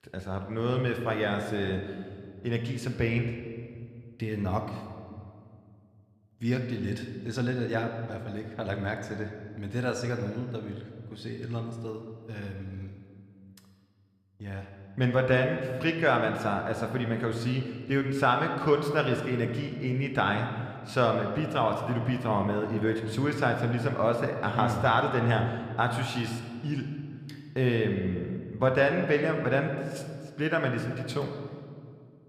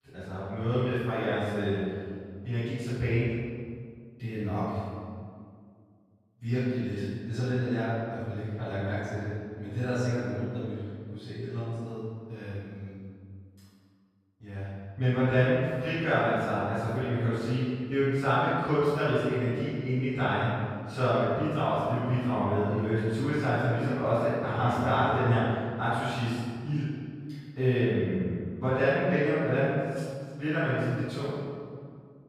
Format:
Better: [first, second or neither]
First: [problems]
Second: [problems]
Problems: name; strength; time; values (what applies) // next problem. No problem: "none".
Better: first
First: room echo; slight; dies away in 1.6 s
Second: room echo; strong; dies away in 1.9 s // off-mic speech; far